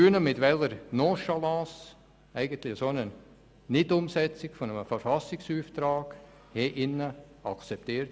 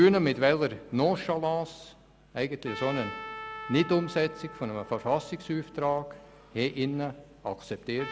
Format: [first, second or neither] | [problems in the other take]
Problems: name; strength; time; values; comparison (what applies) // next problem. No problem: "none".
first | background sound (Trumpet); 16 dB below the speech